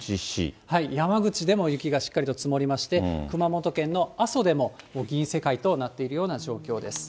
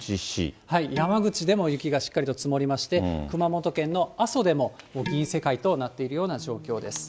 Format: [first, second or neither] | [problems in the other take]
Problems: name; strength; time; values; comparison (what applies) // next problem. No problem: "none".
first | background sound (Dishes, pots, and pans); 15 dB below the speech